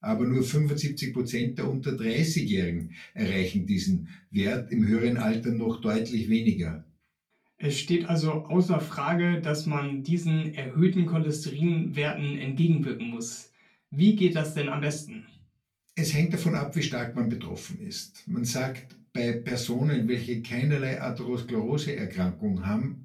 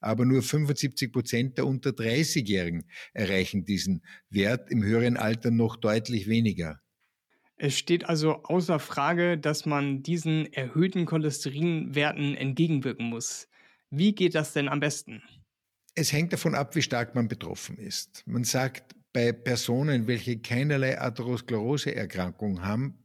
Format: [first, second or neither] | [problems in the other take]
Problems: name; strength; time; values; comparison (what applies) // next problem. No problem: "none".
second | off-mic speech; far // room echo; very slight; dies away in 0.2 s